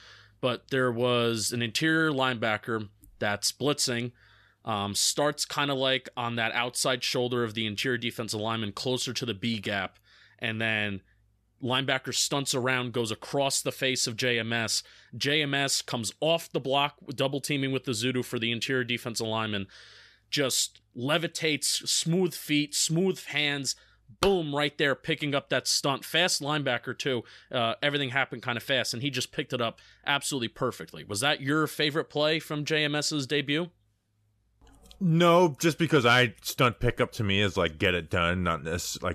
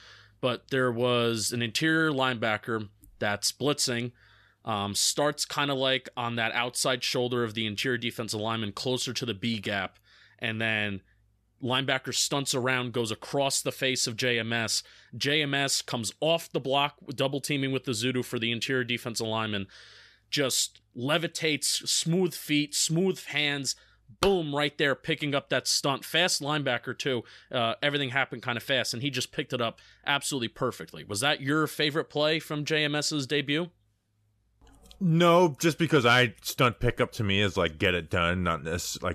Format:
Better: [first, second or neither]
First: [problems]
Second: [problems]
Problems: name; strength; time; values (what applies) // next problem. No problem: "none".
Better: neither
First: none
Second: none